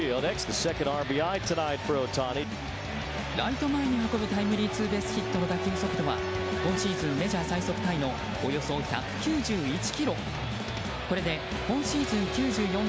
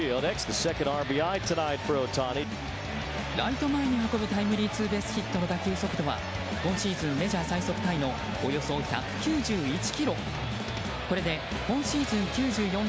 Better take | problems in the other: second | background sound (Wind instrument, woodwind instrument); 10 dB below the speech

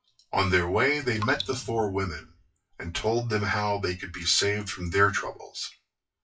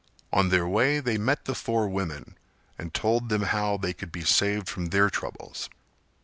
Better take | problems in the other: second | noise reduction (classical method WPE with log-MMSE)

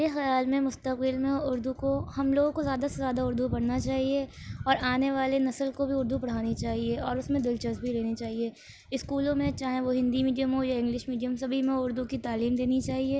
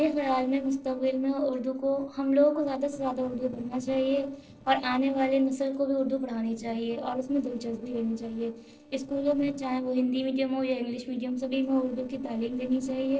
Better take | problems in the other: first | noise reduction (neural separator model SepFormer DNS4)

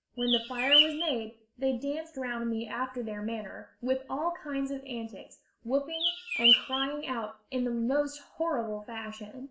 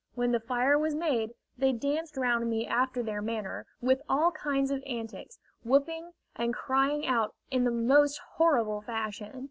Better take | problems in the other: second | background sound (Bird); 5 dB above the speech // room echo; dies away in 0.4 s

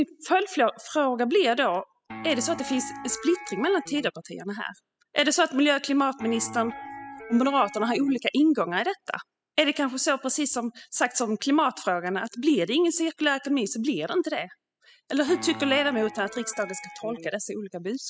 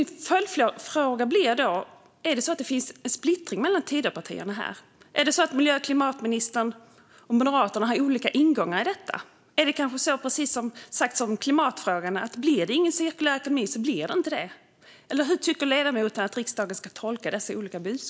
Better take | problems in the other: second | noise reduction (classical method spectral subtraction)

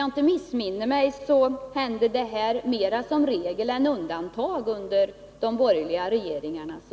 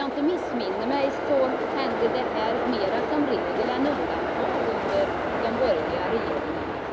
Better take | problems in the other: first | background sound (Train); as loud as the speech

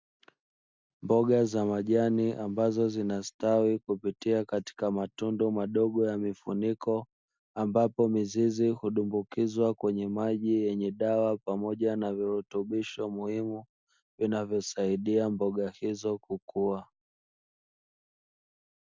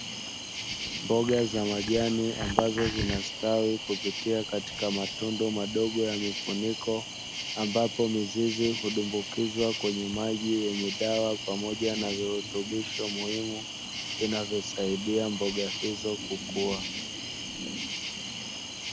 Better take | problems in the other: first | background sound (Cricket); 5 dB below the speech

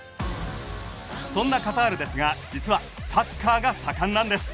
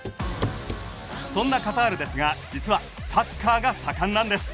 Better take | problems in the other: first | background sound (Walk, footsteps / Run / Wood); 9 dB below the speech

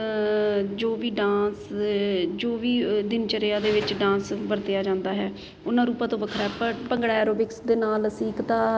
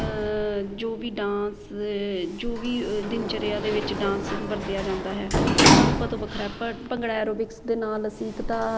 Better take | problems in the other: first | background sound (Sliding door); 1 dB above the speech

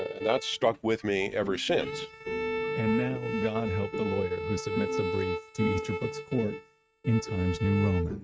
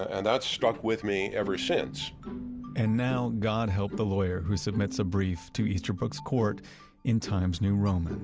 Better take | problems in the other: second | noise reduction (neural mask model RNNoise)

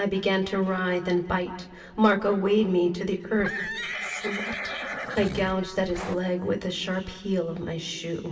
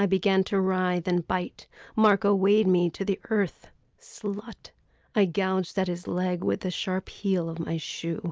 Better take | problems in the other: second | background sound (Livestock, farm animals, working animals); 7 dB below the speech // room echo; dies away in 1.8 s

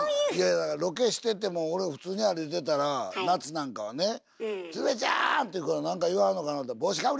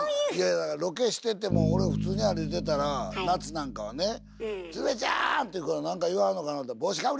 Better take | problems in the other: first | background sound (Bass guitar); 6 dB below the speech

